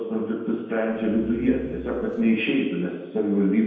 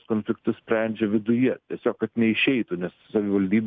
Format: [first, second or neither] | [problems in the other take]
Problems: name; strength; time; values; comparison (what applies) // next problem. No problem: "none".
second | background sound (Growling); 18 dB below the speech // room echo; dies away in 1.1 s